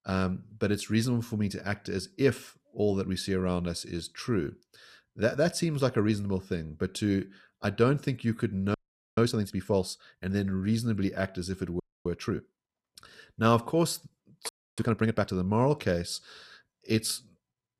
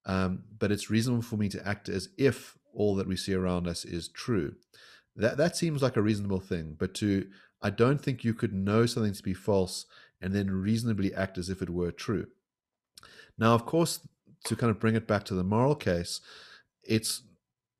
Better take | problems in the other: second | audio freezing; at 8.5 s, at 12 s and at 14 s

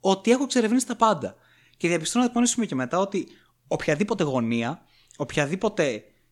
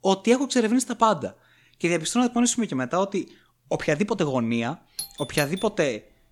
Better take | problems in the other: first | doorbell; noticeable; at 5 s; peak 10 dB below the speech

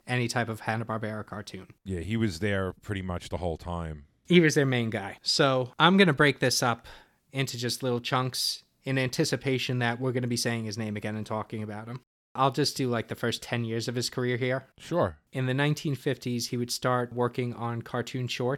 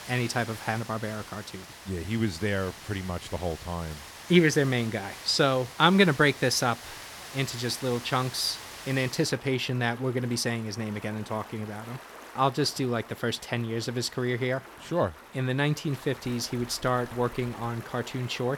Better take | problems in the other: first | rain or running water; noticeable; throughout; 15 dB below the speech

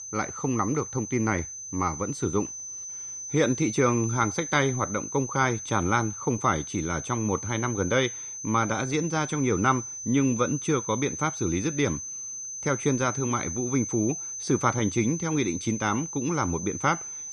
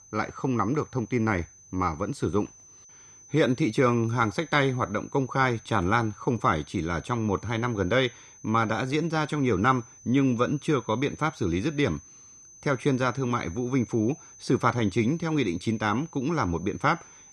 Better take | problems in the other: second | high-pitched whine; loud; throughout; 6 kHz, 7 dB below the speech; faint in the second

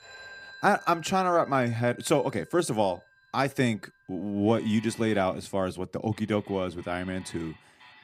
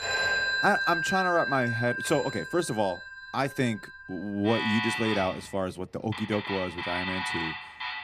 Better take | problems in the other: first | alarms or sirens; loud; throughout; 1 dB below the speech; faint in the first

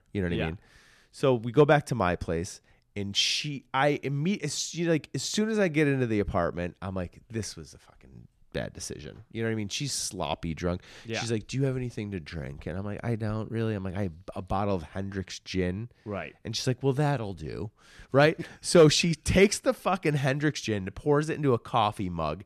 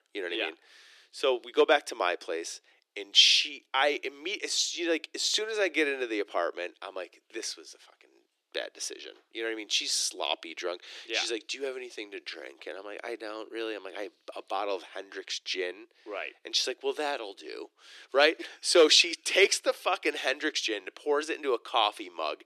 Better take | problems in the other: first | thin; very; fading below 350 Hz

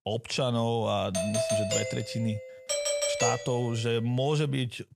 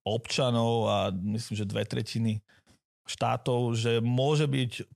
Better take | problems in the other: second | doorbell; loud; from 1 to 3.5 s; peak 3 dB above the speech

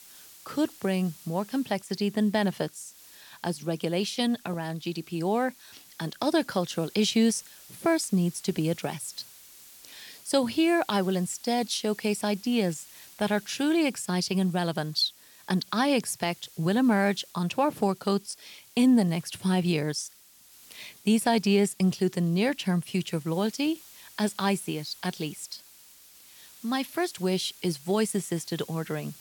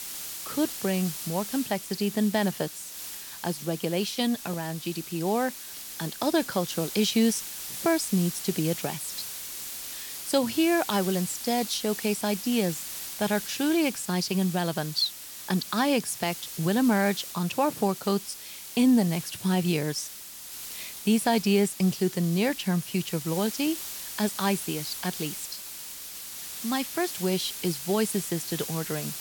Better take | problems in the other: first | hiss; loud; throughout; 8 dB below the speech; faint in the first

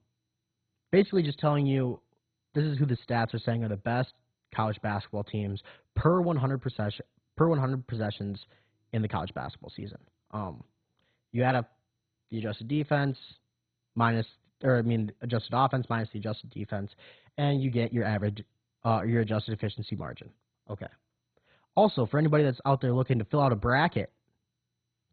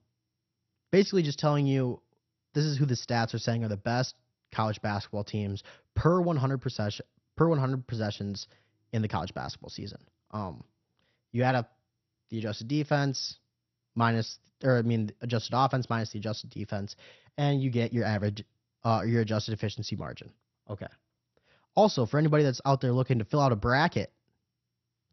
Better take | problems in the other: second | garbled, watery; badly; nothing above 4 kHz; slightly in the second

